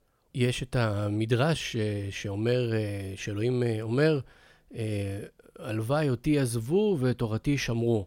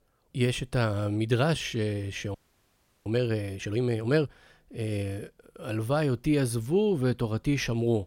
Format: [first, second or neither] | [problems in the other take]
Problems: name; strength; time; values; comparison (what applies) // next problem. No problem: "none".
first | audio freezing; at 2.5 s for 0.5 s